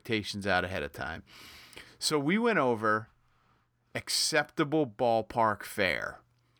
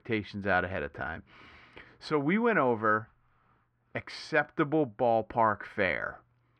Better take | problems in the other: first | muffled; very; fading above 2 kHz

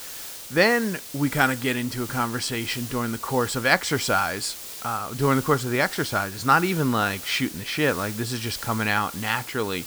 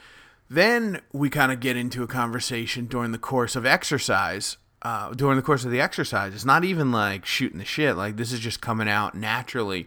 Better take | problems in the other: second | hiss; noticeable; throughout; 10 dB below the speech

